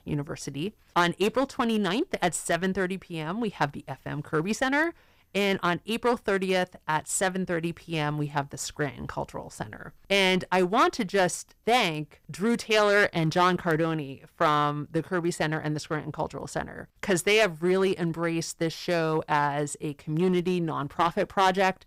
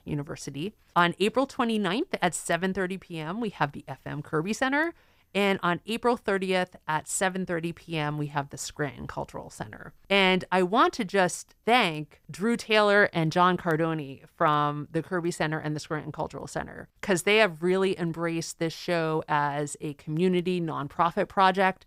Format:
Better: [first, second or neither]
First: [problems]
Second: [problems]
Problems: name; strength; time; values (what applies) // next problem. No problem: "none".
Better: second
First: distortion; slight; 3% of the sound clipped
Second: none